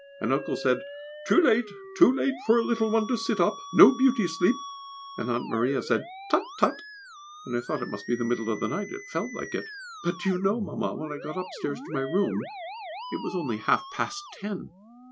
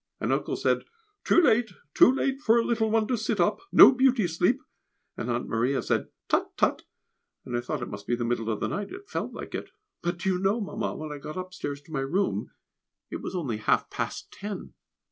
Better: second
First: background sound (Musical instrument); 14 dB below the speech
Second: none

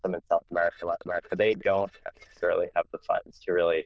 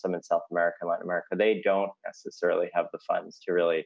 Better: second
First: noise reduction (neural diffusion model UNIVERSE++)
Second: none

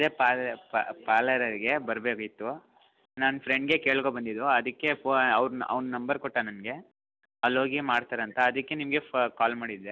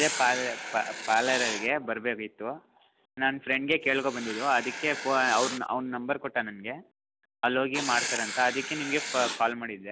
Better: first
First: none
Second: background sound (Writing); 8 dB below the speech

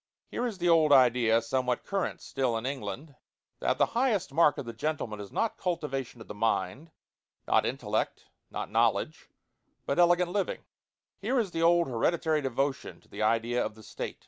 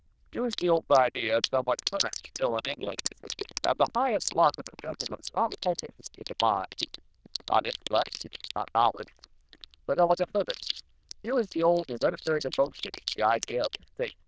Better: first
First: none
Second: noise reduction (neural diffusion model UNIVERSE++)

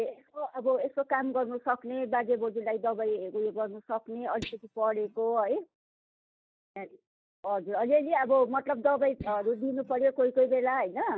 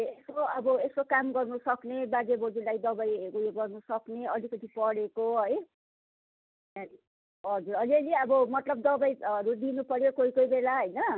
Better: second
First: noise reduction (neural mask model DeepFilterNet 3)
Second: none

